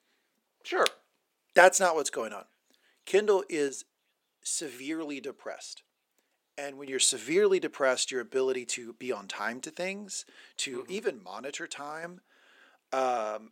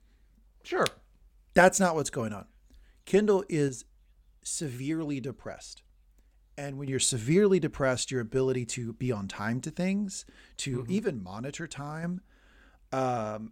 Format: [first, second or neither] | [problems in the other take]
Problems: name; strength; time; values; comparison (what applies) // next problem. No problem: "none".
second | thin; somewhat; fading below 350 Hz